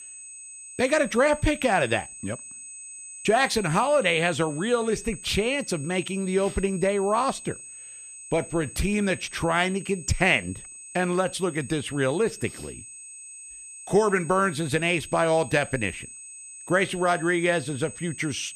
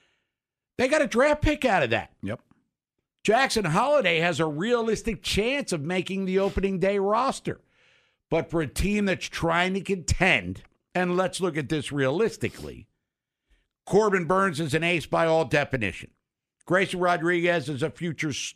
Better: second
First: high-pitched whine; noticeable; throughout; 8 kHz, 15 dB below the speech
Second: none

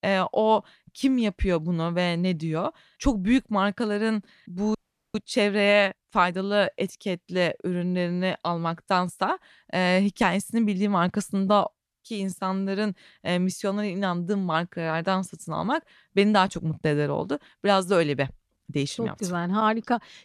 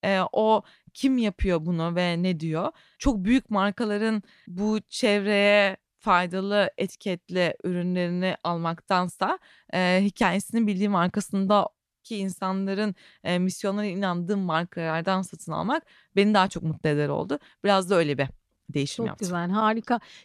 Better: second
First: audio freezing; at 5 s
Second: none

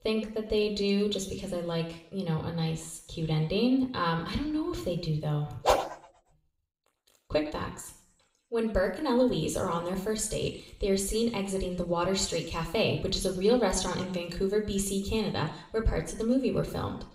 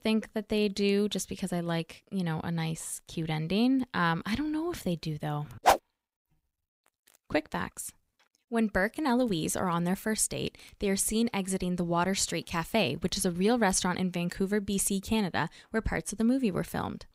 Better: second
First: room echo; slight; dies away in 0.6 s // off-mic speech; somewhat distant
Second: none

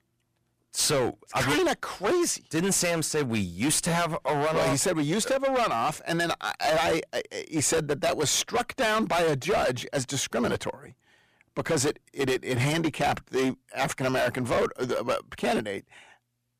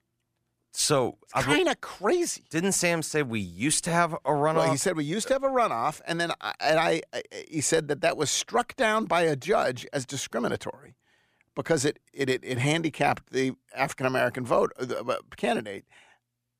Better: second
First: distortion; heavy; 15% of the sound clipped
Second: none

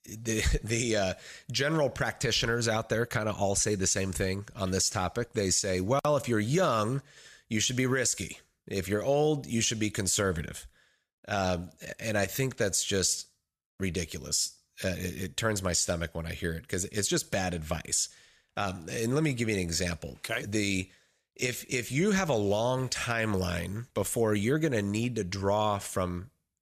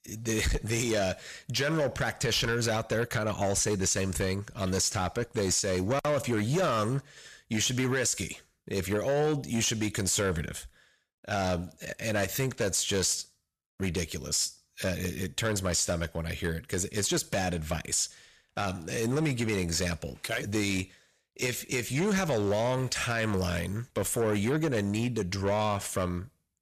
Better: first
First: none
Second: distortion; slight; 10 dB below the speech

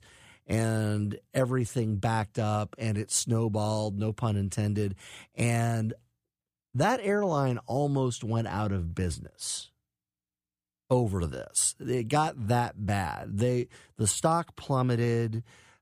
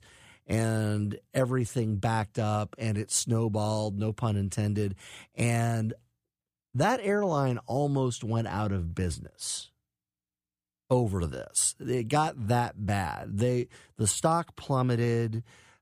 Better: neither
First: none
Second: none

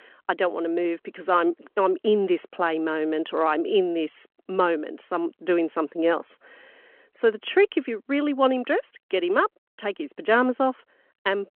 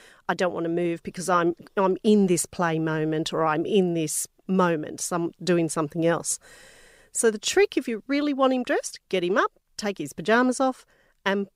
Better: second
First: phone-call audio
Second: none

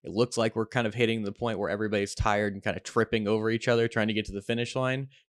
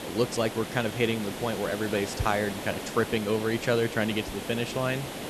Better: first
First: none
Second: hiss; loud; throughout; 7 dB below the speech

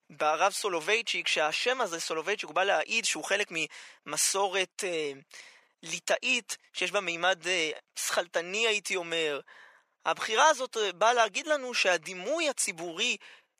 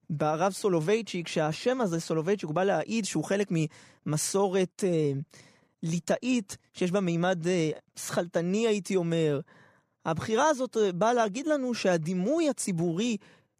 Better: second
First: thin; very; fading below 700 Hz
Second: none

